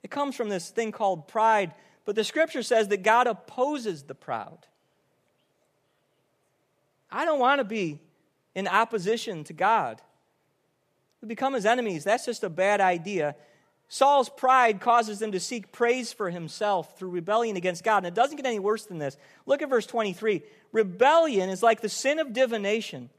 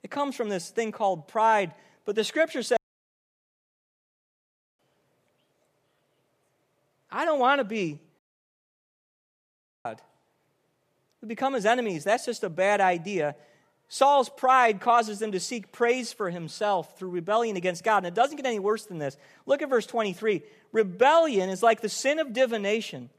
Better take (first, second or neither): first